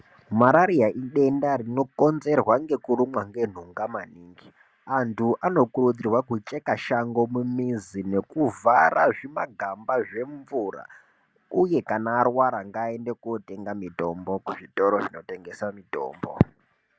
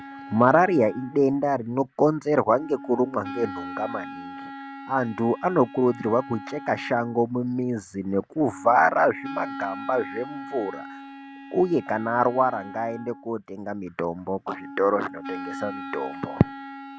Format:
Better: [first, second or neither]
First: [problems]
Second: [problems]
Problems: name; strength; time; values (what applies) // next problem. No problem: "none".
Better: first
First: none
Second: background sound (Wind instrument, woodwind instrument); 14 dB below the speech